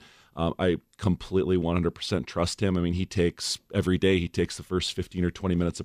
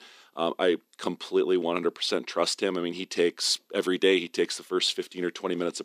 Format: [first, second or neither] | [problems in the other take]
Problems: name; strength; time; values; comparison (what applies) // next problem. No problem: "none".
first | thin; somewhat; fading below 300 Hz